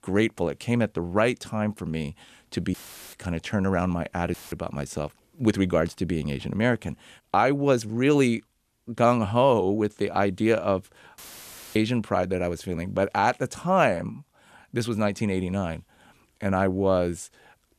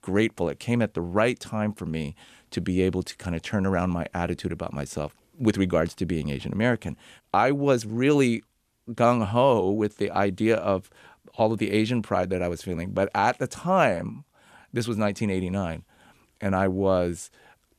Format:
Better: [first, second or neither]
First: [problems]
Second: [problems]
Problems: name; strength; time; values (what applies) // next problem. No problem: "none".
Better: second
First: audio cutting out; filled with static; at 2.5 s, at 4.5 s and at 11 s for 0.5 s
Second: none